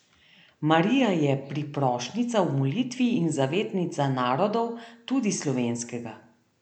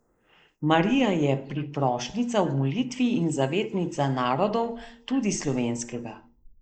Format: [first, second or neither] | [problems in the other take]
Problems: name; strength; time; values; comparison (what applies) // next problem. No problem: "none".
first | noise reduction (neural mask model Resemble Enhance denoiser)